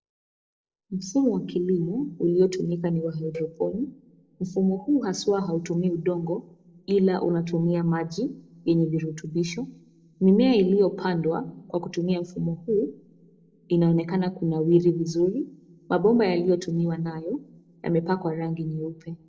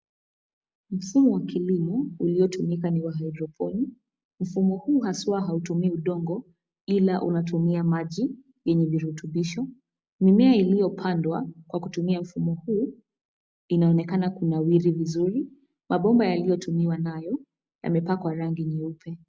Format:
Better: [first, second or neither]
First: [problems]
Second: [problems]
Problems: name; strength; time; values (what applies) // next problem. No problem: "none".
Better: second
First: noise reduction (neural separator model SepFormer DNS4)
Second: none